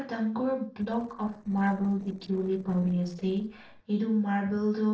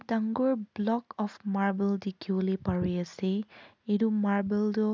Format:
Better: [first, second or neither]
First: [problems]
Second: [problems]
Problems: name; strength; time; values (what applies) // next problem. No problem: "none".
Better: second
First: noise reduction (neural separator model SepFormer DNS4)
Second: none